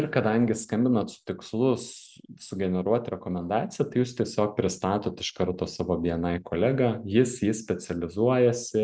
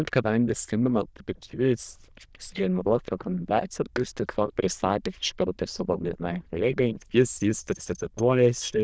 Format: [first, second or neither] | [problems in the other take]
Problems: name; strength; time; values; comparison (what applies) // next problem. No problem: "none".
first | noise reduction (neural diffusion model UNIVERSE++)